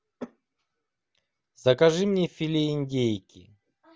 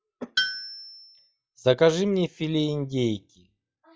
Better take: first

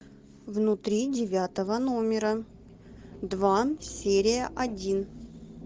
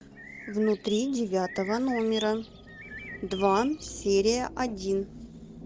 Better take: first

